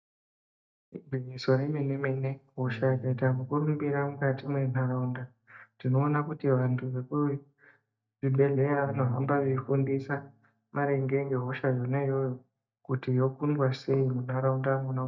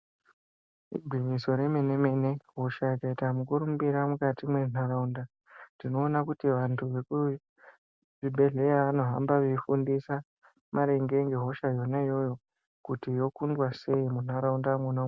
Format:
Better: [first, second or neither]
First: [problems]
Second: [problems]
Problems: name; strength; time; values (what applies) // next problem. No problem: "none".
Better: second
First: noise reduction (neural mask model DeepFilterNet 3)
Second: none